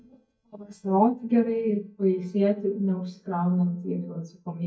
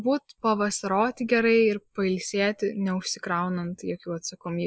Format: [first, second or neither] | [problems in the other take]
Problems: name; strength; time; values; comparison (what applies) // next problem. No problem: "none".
second | noise reduction (neural mask model DeepFilterNet 3)